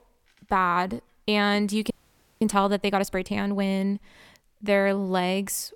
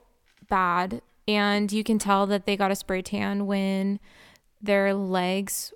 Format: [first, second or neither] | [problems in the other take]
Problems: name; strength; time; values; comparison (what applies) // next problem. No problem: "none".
second | audio freezing; at 2 s for 0.5 s